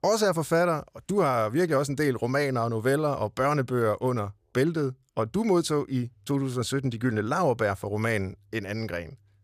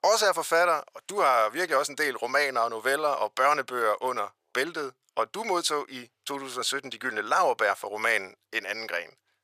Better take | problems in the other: first | thin; very; fading below 750 Hz

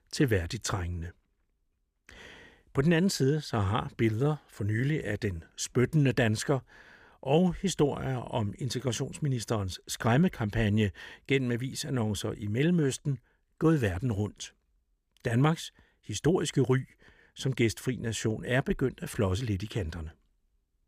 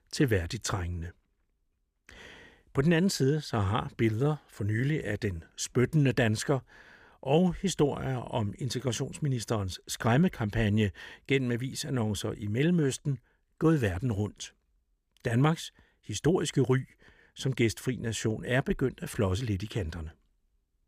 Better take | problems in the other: neither | none

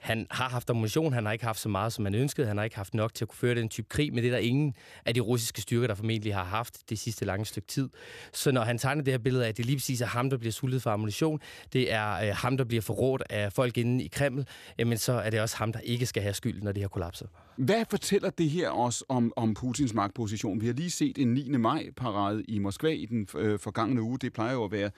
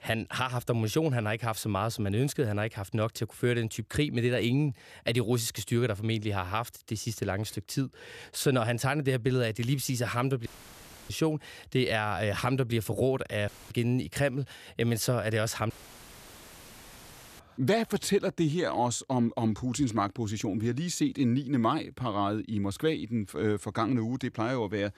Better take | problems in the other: first | audio cutting out; filled with static; at 10 s for 0.5 s, at 13 s and at 16 s for 1.5 s

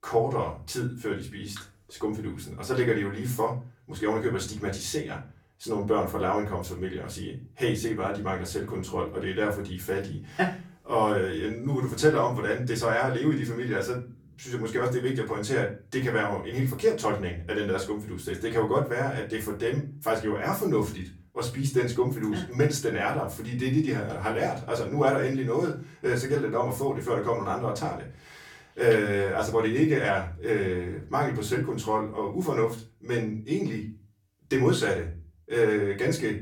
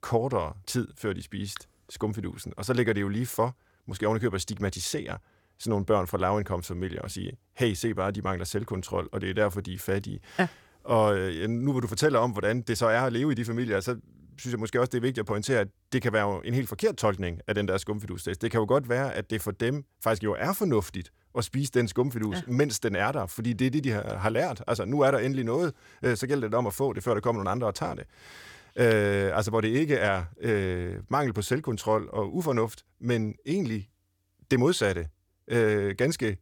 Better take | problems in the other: second | off-mic speech; far // room echo; very slight; dies away in 0.3 s

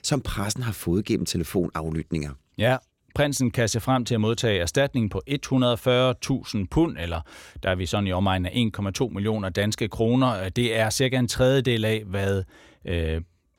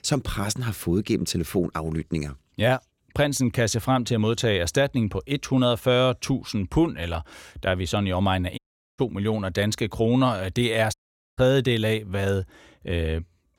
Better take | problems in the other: first | audio cutting out; at 8.5 s and at 11 s

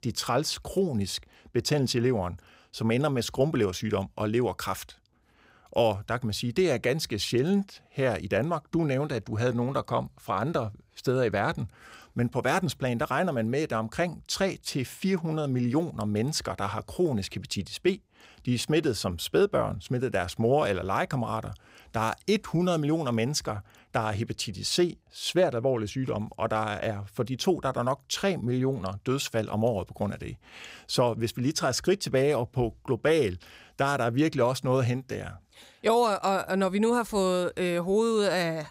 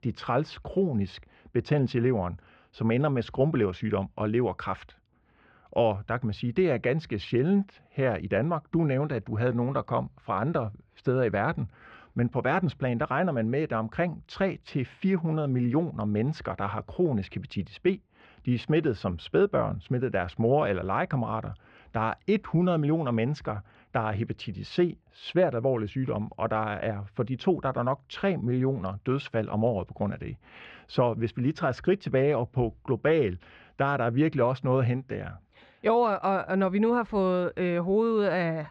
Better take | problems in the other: first | muffled; very; fading above 2.5 kHz

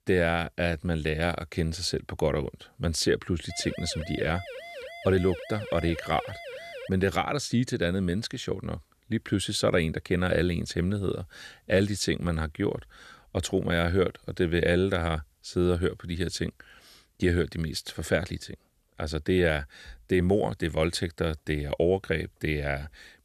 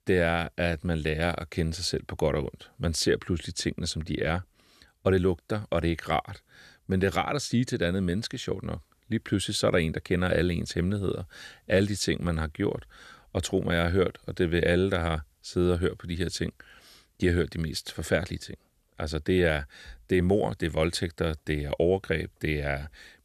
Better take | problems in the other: second | siren; faint; from 3.5 to 7 s; peak 10 dB below the speech

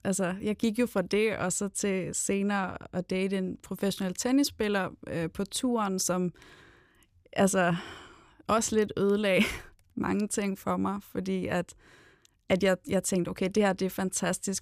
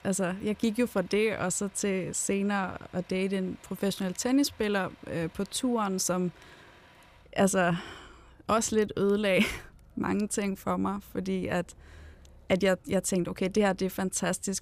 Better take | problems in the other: first | traffic noise; faint; throughout; 30 dB below the speech

